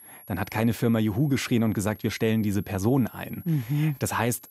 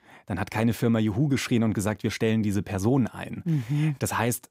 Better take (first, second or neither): second